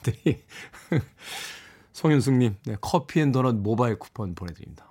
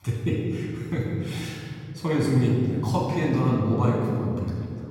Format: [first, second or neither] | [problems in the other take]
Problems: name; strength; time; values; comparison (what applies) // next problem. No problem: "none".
first | off-mic speech; far // room echo; noticeable; dies away in 2.7 s